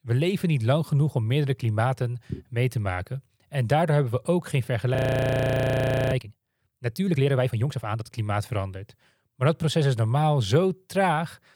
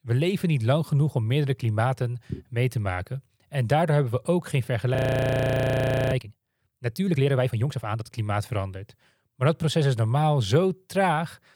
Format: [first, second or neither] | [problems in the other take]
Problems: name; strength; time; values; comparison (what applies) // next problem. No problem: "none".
neither | audio freezing; at 5 s for 1 s; the same in both